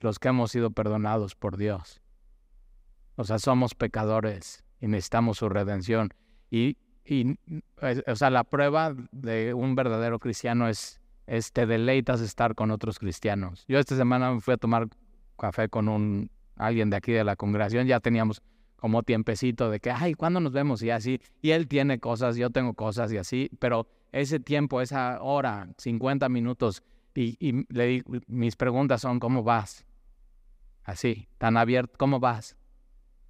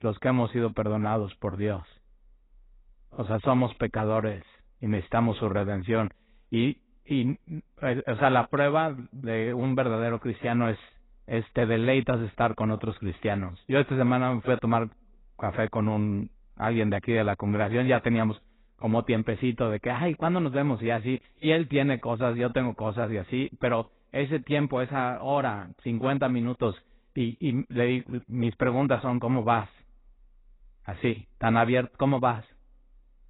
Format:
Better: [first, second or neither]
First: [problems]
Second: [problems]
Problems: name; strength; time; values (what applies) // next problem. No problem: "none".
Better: first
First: none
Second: garbled, watery; badly; nothing above 4 kHz